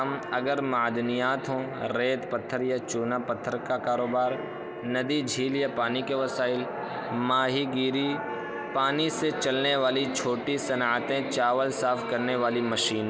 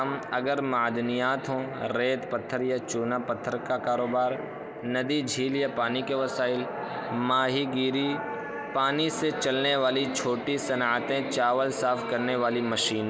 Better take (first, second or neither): second